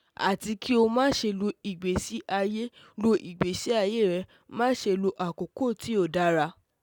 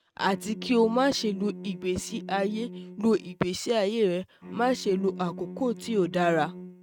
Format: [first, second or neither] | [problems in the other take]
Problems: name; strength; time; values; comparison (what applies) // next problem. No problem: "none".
first | noise reduction (neural mask model RNNoise)